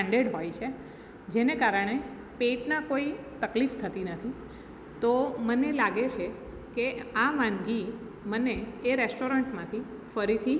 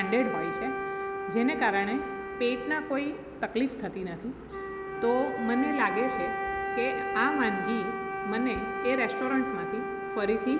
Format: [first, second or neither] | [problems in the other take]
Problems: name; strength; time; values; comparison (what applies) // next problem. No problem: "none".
first | background sound (Wind instrument, woodwind instrument); 4 dB below the speech